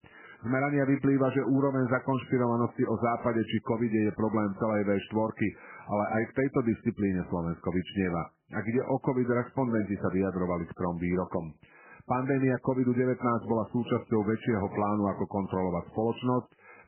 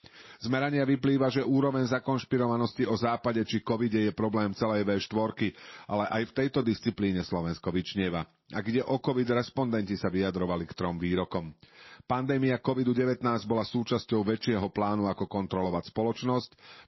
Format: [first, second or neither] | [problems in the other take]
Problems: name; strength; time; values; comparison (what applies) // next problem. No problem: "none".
second | garbled, watery; badly; nothing above 3 kHz; slightly in the second